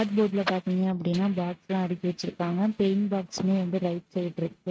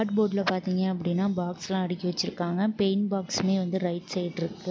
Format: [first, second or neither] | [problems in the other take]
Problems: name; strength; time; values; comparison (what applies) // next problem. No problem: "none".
second | noise reduction (neural mask model RNNoise)